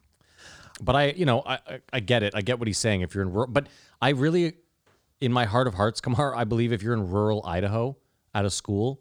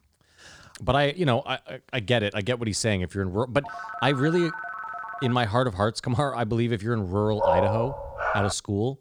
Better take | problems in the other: first | phone ringing; noticeable; from 3.5 to 5.5 s; peak 8 dB below the speech // dog barking; loud; from 7.5 s on; peak 3 dB above the speech

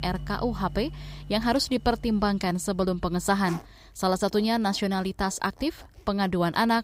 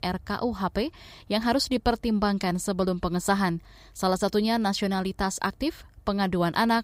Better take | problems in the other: second | household noises; noticeable; throughout; 15 dB below the speech

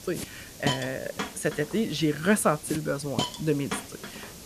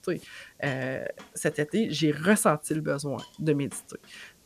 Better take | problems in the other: second | hiss; loud; throughout; 7 dB below the speech; faint in the second

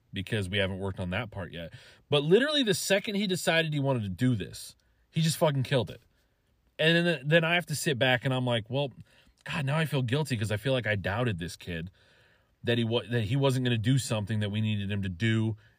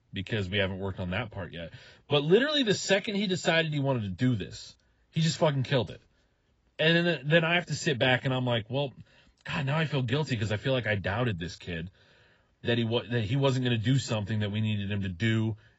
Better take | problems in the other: first | garbled, watery; badly; nothing above 7.5 kHz

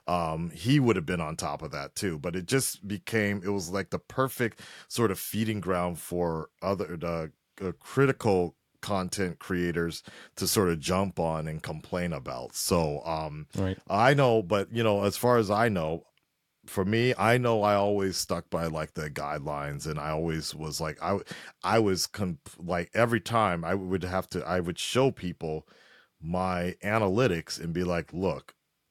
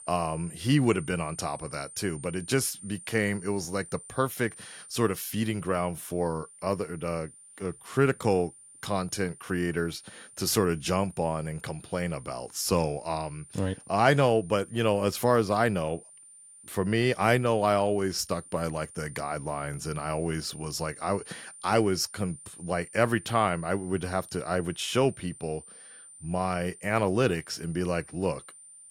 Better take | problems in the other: first | high-pitched whine; noticeable; throughout; 9 kHz, 20 dB below the speech

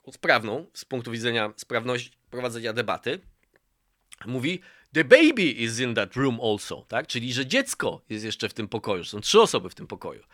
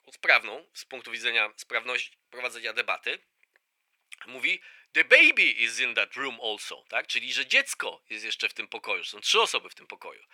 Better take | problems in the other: first | thin; very; fading below 600 Hz

